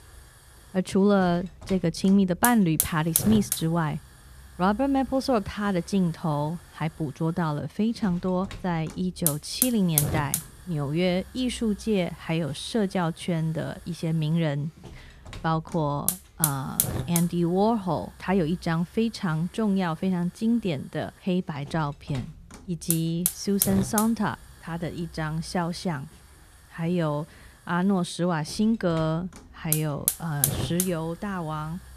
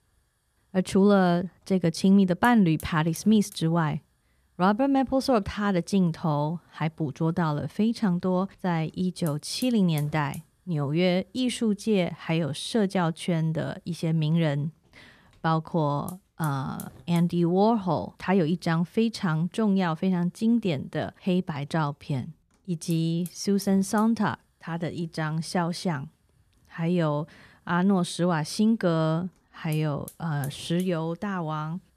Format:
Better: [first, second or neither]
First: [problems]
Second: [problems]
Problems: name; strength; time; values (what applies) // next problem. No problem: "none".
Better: second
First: hiss; loud; throughout; 1 dB below the speech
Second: hiss; faint; throughout; 20 dB below the speech